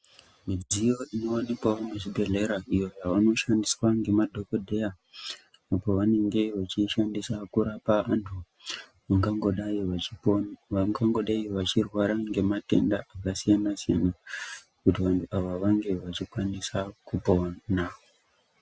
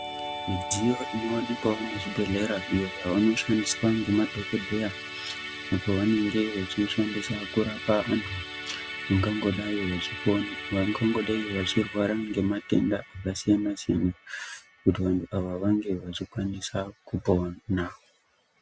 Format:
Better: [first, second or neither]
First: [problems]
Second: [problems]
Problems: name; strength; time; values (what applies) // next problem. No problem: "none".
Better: first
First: none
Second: background sound (Musical instrument); 10 dB below the speech